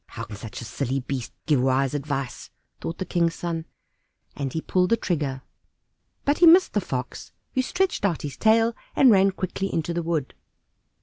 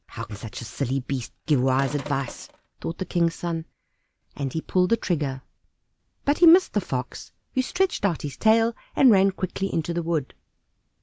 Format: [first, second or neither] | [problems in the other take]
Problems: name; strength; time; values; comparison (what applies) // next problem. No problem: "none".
first | background sound (Sink (filling or washing)); 16 dB below the speech